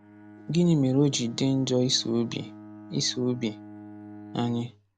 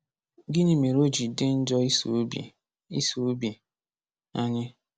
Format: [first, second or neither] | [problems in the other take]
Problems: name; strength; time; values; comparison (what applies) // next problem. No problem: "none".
second | background sound (Bowed string instrument); 18 dB below the speech